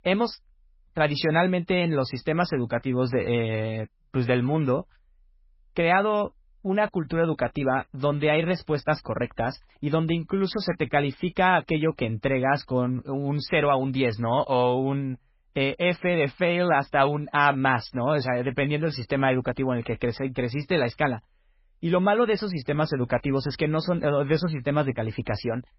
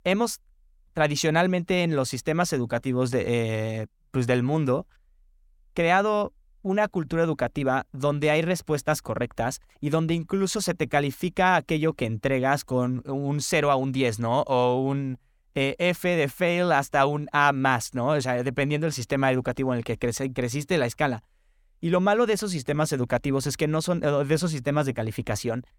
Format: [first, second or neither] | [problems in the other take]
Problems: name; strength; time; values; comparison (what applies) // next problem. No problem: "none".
second | garbled, watery; badly; nothing above 5.5 kHz